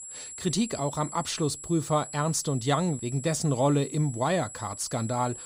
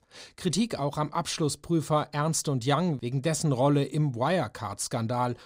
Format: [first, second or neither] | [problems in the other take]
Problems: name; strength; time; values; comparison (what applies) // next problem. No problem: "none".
second | high-pitched whine; noticeable; throughout; 7.5 kHz, 10 dB below the speech